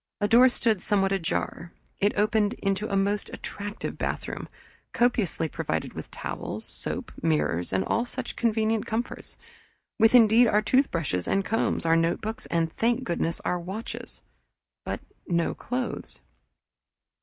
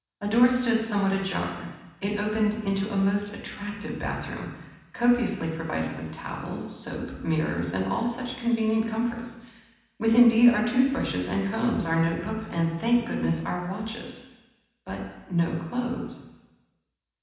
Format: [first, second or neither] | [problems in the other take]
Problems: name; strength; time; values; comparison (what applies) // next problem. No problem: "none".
first | room echo; dies away in 1.1 s